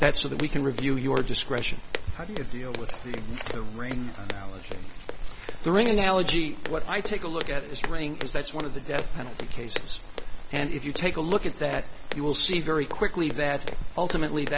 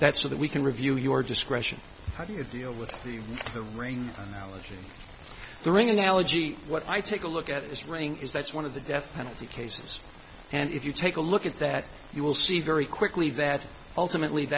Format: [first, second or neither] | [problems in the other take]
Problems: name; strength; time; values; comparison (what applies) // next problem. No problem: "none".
second | background sound (Walk, footsteps); as loud as the speech